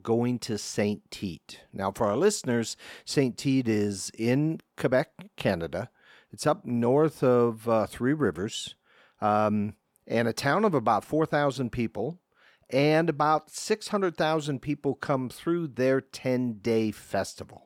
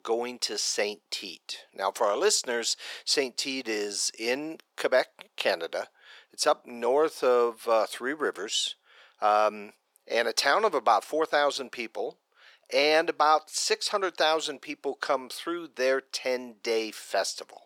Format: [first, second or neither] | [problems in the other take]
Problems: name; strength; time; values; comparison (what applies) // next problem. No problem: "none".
first | thin; very; fading below 450 Hz